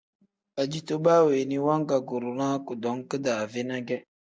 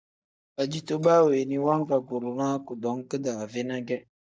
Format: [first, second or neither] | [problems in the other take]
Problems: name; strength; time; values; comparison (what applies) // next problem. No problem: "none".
first | noise reduction (neural mask model DeepFilterNet 3)